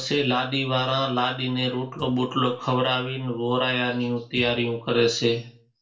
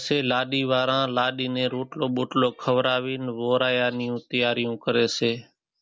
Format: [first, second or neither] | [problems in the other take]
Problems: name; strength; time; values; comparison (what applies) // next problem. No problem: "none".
second | noise reduction (neural separator model SepFormer DNS4)